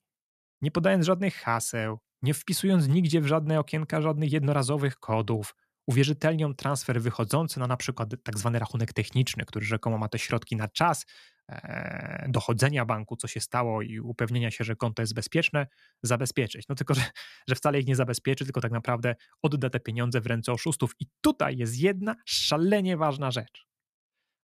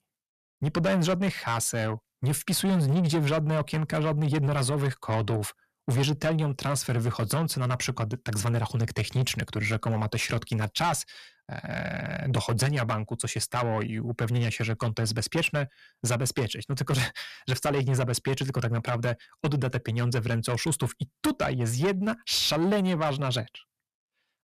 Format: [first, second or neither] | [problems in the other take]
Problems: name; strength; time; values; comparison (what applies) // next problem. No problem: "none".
first | distortion; heavy; 8 dB below the speech